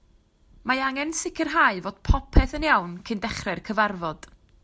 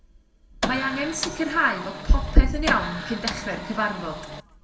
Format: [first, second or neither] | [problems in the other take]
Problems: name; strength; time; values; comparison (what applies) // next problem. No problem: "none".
first | background sound (Printer); 8 dB below the speech // room echo; dies away in 0.7 s